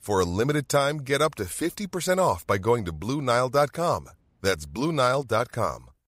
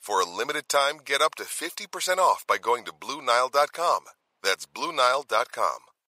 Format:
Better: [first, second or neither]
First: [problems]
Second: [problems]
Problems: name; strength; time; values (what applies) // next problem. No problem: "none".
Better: first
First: none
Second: thin; very; fading below 700 Hz